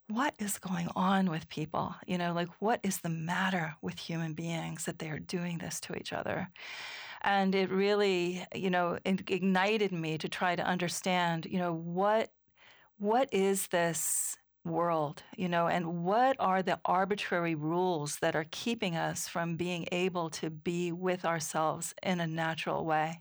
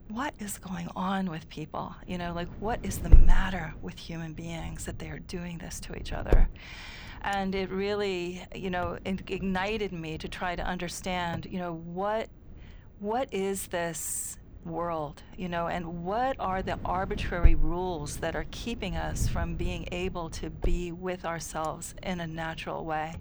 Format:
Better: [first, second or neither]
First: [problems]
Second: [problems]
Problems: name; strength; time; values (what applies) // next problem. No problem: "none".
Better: first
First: none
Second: wind noise on the microphone; occasional gusts; 15 dB below the speech